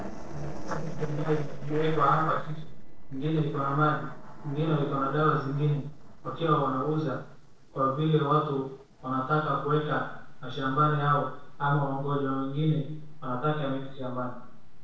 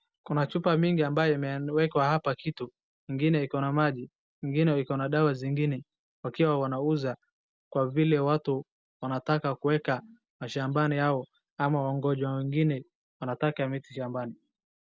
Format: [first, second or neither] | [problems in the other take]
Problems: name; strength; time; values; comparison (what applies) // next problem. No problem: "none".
second | noise reduction (neural separator model SepFormer DNS4)